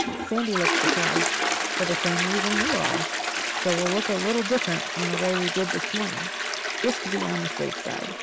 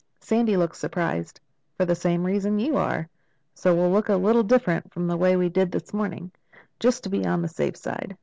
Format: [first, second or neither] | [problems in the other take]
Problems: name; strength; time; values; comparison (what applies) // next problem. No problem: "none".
second | background sound (Toilet flush); 2 dB above the speech